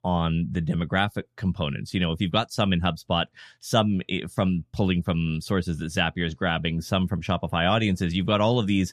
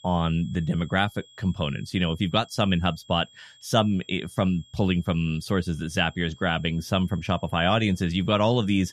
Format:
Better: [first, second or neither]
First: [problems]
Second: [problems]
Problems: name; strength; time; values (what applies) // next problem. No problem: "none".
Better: first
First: none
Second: high-pitched whine; faint; throughout; 3.5 kHz, 25 dB below the speech